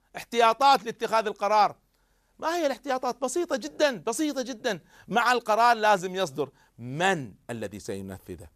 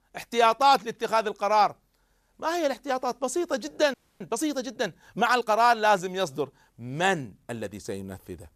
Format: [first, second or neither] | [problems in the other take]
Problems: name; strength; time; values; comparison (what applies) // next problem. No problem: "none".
first | audio freezing; at 4 s